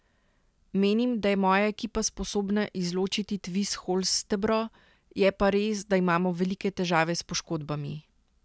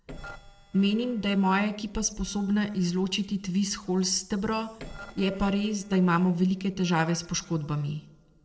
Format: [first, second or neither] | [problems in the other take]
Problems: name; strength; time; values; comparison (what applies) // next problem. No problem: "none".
first | noise reduction (neural separator model SepFormer DNS4)